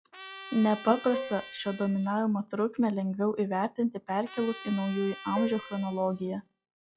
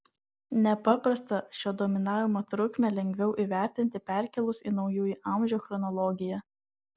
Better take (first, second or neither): second